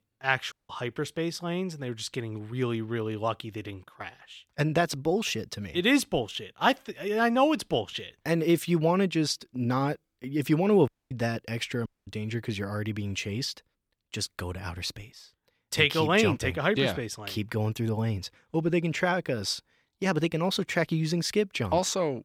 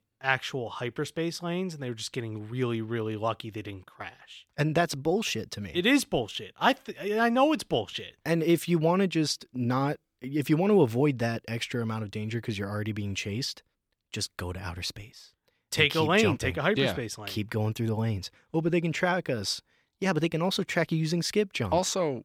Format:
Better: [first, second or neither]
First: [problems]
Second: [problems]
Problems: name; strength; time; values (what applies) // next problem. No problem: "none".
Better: second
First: audio cutting out; at 0.5 s, at 11 s and at 12 s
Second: none